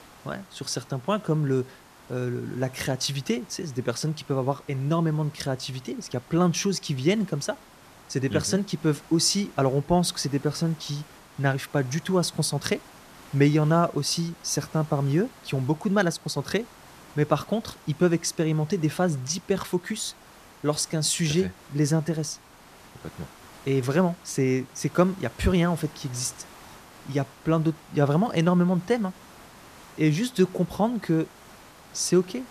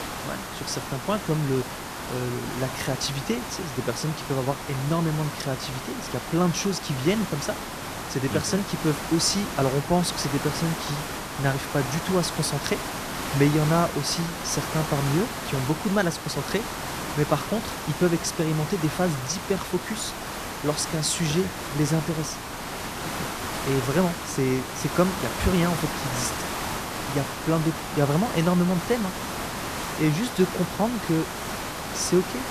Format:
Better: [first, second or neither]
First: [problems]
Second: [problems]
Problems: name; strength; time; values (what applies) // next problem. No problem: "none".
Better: first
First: hiss; faint; throughout; 25 dB below the speech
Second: hiss; loud; throughout; 5 dB below the speech